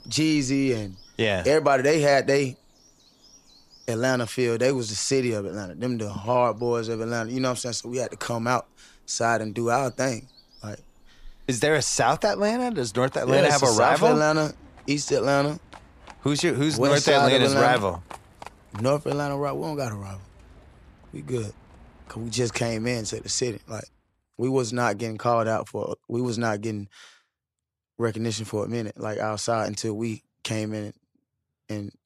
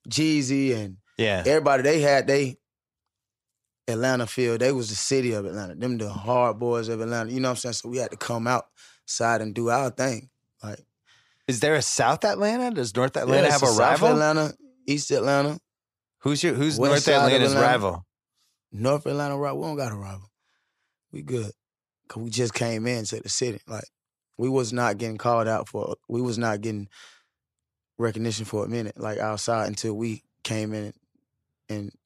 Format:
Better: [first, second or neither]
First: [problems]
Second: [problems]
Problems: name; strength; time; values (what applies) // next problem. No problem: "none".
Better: second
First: animal sounds; faint; until 24 s; 25 dB below the speech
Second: none